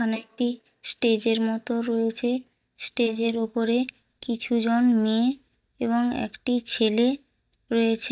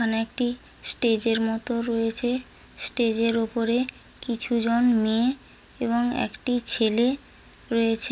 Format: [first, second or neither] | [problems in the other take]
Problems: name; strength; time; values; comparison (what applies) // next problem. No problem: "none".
second | noise reduction (neural mask model DeepFilterNet 3)